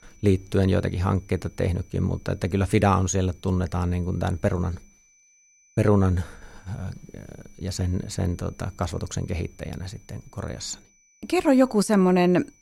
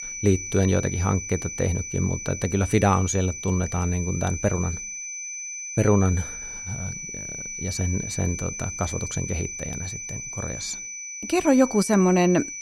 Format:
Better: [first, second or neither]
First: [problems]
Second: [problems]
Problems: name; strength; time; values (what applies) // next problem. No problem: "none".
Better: first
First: high-pitched whine; faint; throughout; 6 kHz, 35 dB below the speech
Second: high-pitched whine; loud; throughout; 6 kHz, 8 dB below the speech